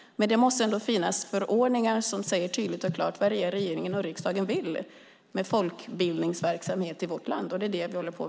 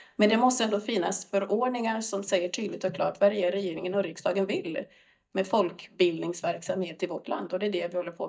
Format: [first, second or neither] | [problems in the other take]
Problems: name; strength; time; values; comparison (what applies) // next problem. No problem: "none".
first | noise reduction (neural mask model DeepFilterNet 3)